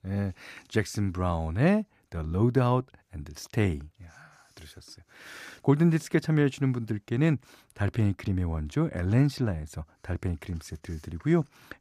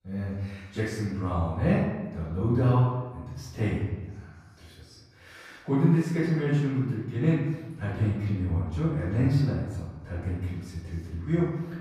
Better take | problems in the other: first | off-mic speech; far // room echo; strong; dies away in 1.1 s

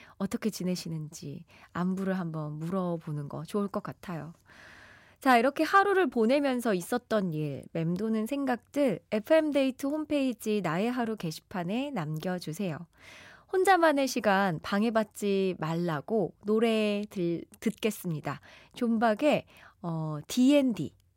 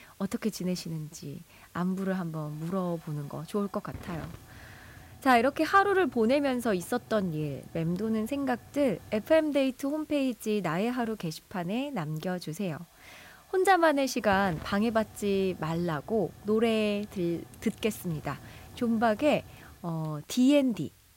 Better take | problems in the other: first | hiss; faint; throughout; 25 dB below the speech

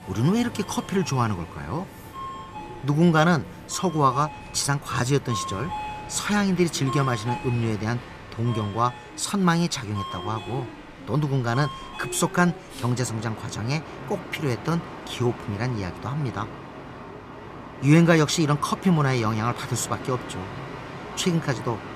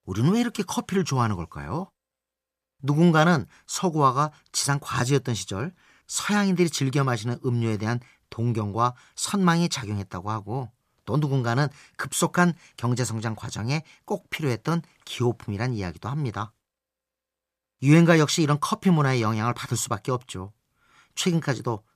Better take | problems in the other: second | train or aircraft noise; noticeable; throughout; 10 dB below the speech

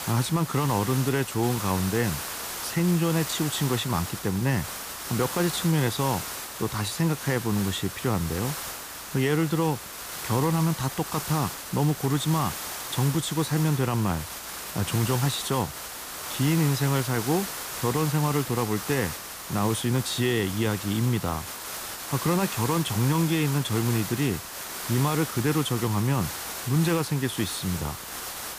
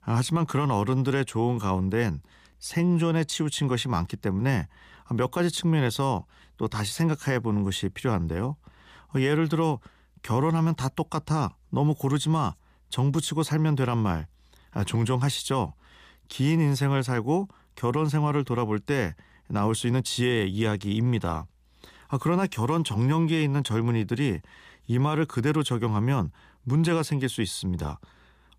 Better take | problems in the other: second | hiss; loud; throughout; 7 dB below the speech

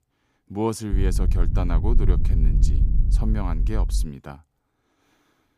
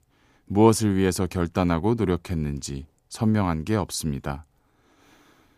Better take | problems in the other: second | low rumble; loud; from 1 to 4 s; 9 dB below the speech

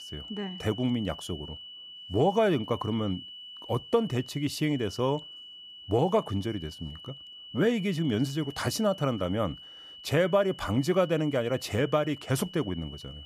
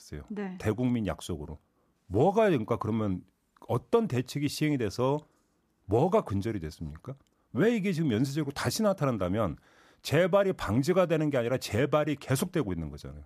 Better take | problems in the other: second | high-pitched whine; noticeable; throughout; 3 kHz, 15 dB below the speech

